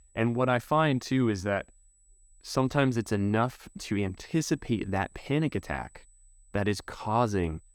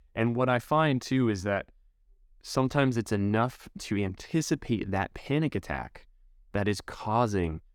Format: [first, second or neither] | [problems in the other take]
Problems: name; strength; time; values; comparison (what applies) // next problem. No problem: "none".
second | high-pitched whine; faint; throughout; 8 kHz, 35 dB below the speech